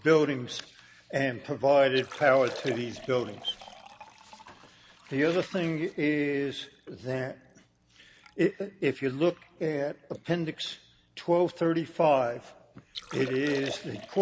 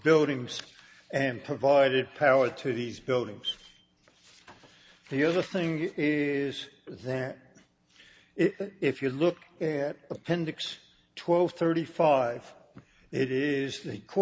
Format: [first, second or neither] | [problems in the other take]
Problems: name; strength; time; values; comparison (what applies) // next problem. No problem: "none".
second | background sound (Liquid); 18 dB below the speech